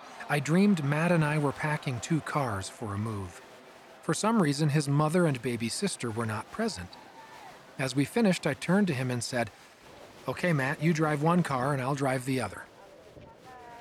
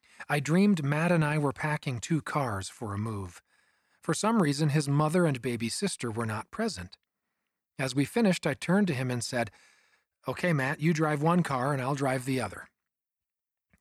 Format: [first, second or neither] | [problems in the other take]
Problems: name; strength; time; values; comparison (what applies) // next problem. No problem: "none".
second | crowd noise; faint; throughout; 20 dB below the speech